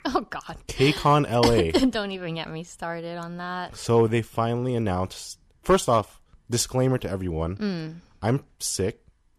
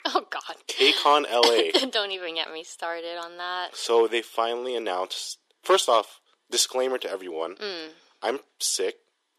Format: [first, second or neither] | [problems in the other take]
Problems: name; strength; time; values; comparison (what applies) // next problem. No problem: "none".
first | thin; very; fading below 350 Hz